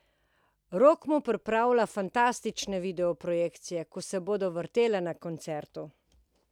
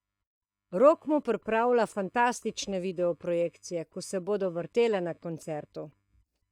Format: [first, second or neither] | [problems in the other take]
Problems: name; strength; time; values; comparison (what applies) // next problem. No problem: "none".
first | noise reduction (neural mask model DeepFilterNet 3)